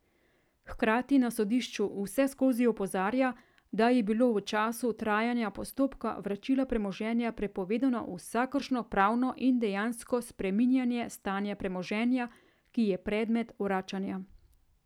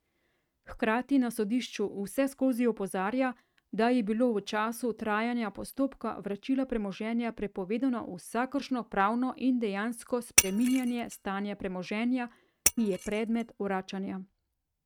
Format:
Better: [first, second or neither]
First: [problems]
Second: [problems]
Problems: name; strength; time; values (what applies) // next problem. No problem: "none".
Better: first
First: none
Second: noise reduction (neural mask model RNNoise)